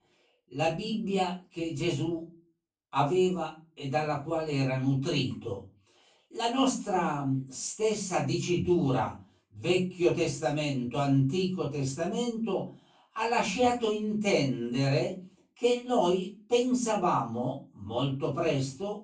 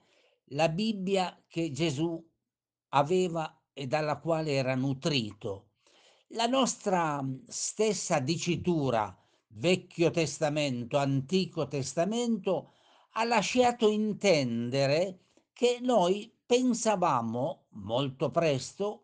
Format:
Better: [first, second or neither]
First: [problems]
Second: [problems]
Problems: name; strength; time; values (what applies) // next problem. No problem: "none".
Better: second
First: off-mic speech; far // room echo; slight; dies away in 0.3 s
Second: none